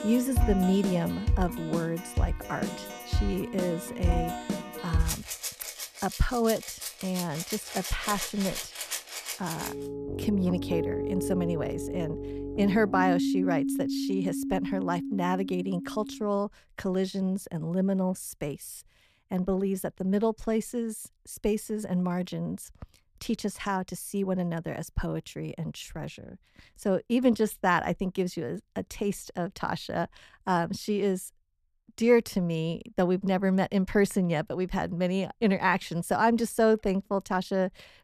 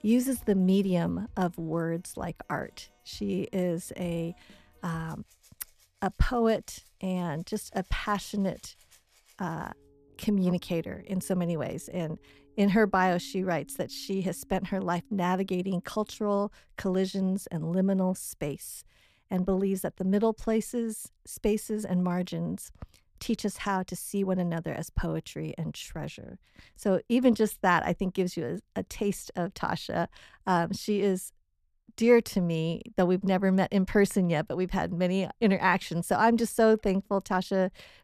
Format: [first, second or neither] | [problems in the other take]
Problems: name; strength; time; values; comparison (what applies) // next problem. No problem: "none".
second | background music; loud; until 16 s; 4 dB below the speech; faint in the second